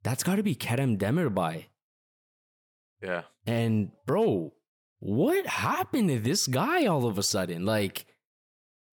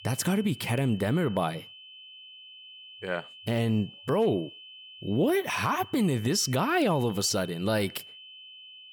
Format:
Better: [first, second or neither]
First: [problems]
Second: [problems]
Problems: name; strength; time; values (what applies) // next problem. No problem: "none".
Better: first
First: none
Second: high-pitched whine; noticeable; throughout; 3 kHz, 20 dB below the speech